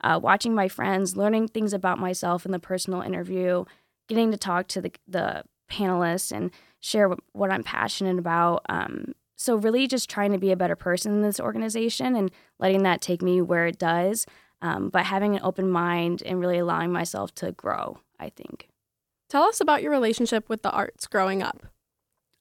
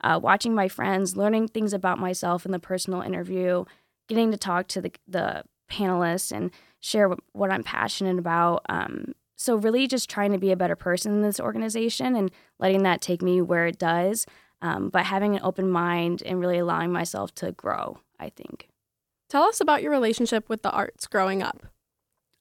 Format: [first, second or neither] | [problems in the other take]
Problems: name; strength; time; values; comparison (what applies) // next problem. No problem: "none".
neither | none